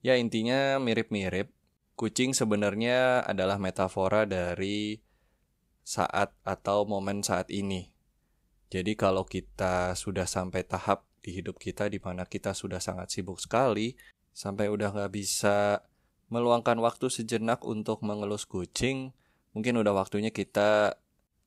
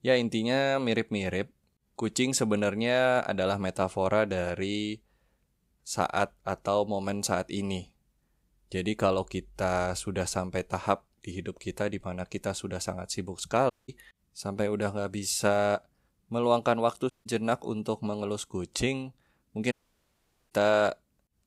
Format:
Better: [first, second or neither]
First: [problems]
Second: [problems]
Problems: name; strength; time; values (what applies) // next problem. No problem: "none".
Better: first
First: none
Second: audio cutting out; at 14 s, at 17 s and at 20 s for 1 s